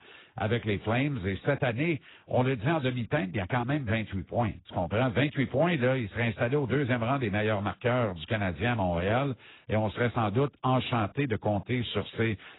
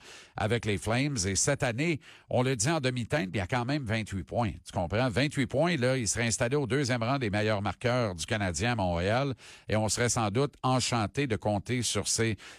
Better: second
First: garbled, watery; badly; nothing above 4 kHz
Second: none

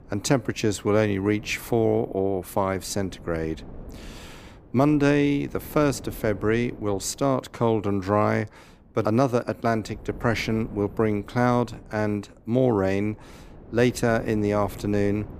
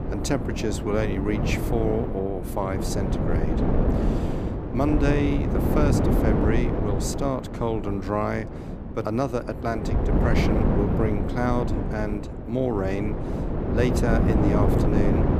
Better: first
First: wind noise on the microphone; occasional gusts; 25 dB below the speech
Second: wind noise on the microphone; heavy; 2 dB below the speech

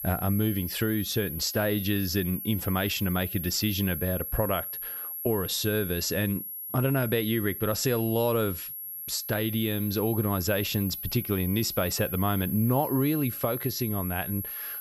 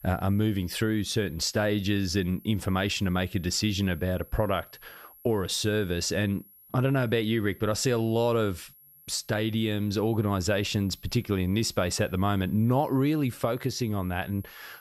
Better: second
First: high-pitched whine; loud; throughout; 11.5 kHz, 6 dB below the speech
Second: high-pitched whine; faint; throughout; 11.5 kHz, 25 dB below the speech

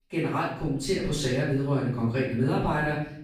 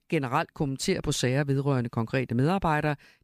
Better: second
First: off-mic speech; far // room echo; noticeable; dies away in 0.7 s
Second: none

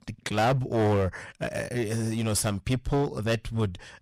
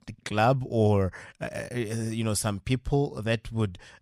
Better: second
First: distortion; heavy; 11% of the sound clipped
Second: none

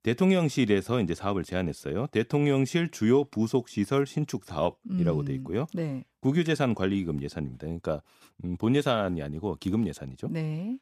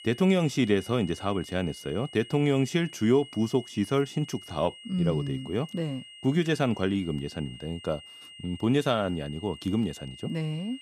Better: first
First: none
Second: high-pitched whine; noticeable; throughout; 3 kHz, 15 dB below the speech

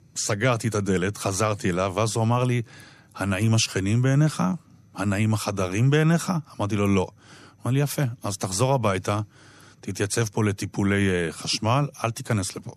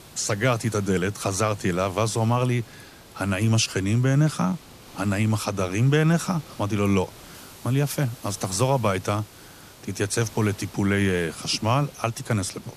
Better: first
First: none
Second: hiss; faint; throughout; 20 dB below the speech

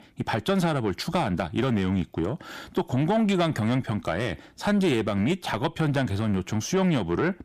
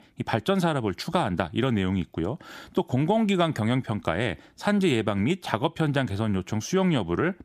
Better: second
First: distortion; slight; 10 dB below the speech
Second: none

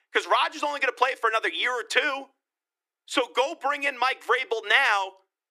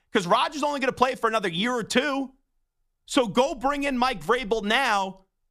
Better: second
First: thin; very; fading below 300 Hz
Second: none

